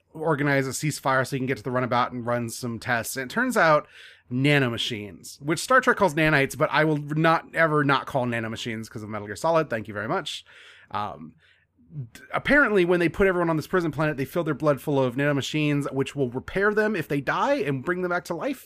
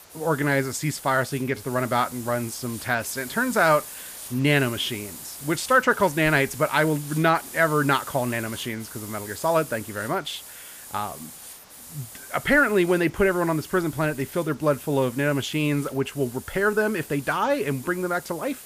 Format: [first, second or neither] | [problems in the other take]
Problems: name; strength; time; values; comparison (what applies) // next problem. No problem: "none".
first | hiss; noticeable; throughout; 15 dB below the speech